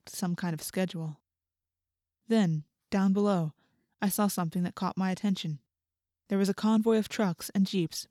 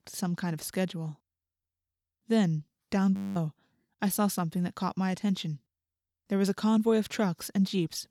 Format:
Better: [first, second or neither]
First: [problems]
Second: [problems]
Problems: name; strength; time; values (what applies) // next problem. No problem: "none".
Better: first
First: none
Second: audio freezing; at 3 s